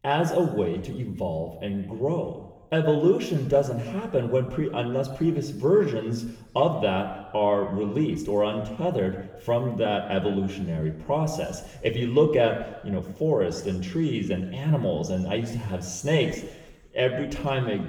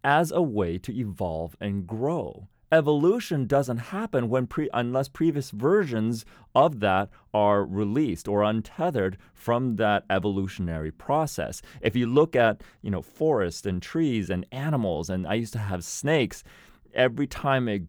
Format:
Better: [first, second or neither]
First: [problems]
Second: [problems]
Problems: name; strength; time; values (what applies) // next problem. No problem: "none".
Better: second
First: room echo; noticeable; dies away in 1.1 s // off-mic speech; somewhat distant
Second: none